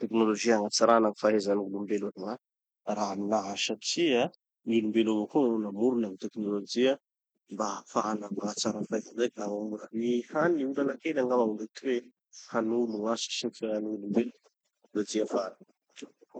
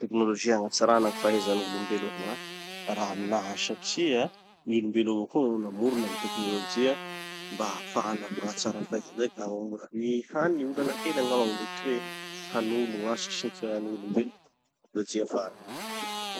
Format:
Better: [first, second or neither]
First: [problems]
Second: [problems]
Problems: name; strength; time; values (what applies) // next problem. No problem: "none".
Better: first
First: none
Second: background sound (Motorcycle); 11 dB below the speech